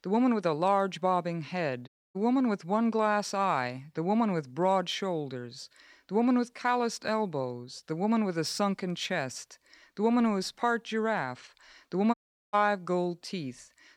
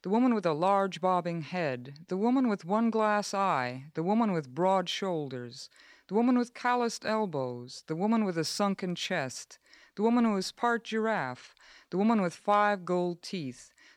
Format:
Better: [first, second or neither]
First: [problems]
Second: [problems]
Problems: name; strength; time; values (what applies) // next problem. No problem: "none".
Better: second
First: audio cutting out; at 2 s and at 12 s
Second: none